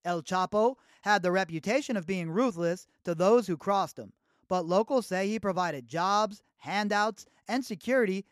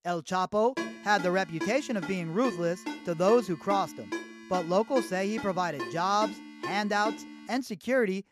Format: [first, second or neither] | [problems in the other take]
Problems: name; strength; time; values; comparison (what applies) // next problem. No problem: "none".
first | phone ringing; noticeable; from 1 to 7.5 s; peak 7 dB below the speech